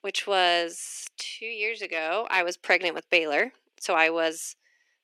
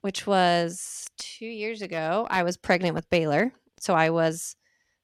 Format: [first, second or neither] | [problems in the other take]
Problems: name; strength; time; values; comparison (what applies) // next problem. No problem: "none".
second | thin; very; fading below 350 Hz